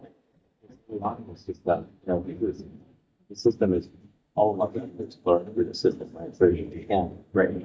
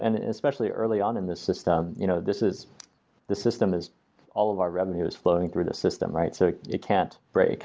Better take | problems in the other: second | noise reduction (neural mask model DeepFilterNet 3)

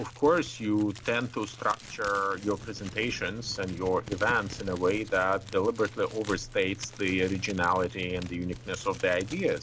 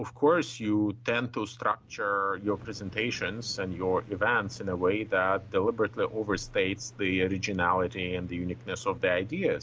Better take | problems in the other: second | background sound (Crumpling, crinkling); 17 dB below the speech

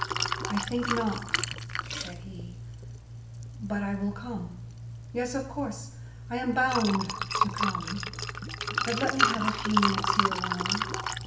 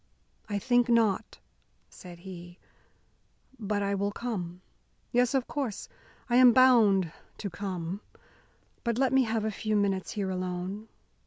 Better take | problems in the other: second | background sound (Liquid); 1 dB above the speech // room echo; dies away in 0.7 s

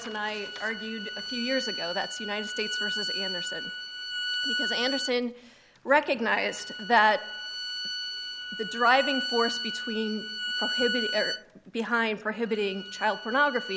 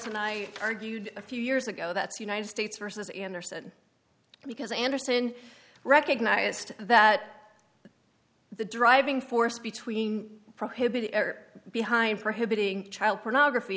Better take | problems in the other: second | background sound (Bowed string instrument); 5 dB below the speech

